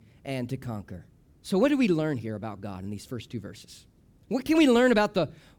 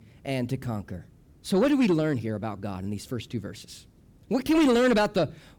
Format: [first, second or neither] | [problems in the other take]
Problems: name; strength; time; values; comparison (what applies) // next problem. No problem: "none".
first | distortion; slight; 10 dB below the speech